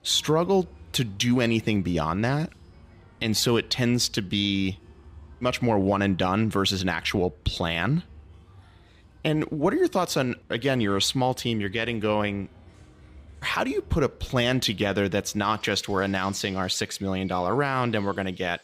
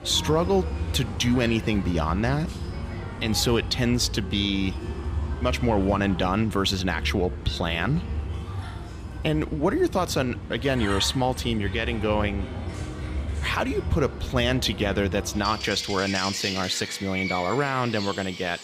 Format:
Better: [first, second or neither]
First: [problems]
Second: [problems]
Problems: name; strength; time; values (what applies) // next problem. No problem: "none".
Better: first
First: animal sounds; faint; throughout; 25 dB below the speech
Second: animal sounds; loud; throughout; 7 dB below the speech